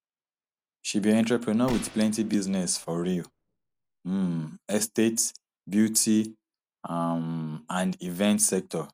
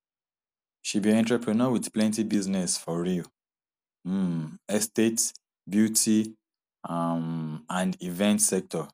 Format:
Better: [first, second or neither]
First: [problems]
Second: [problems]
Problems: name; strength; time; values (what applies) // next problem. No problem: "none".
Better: second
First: background sound (Gunshot, gunfire); 18 dB below the speech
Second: none